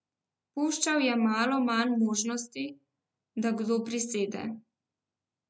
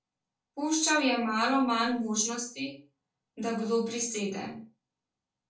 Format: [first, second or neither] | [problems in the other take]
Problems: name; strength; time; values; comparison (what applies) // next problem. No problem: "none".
first | room echo; dies away in 0.3 s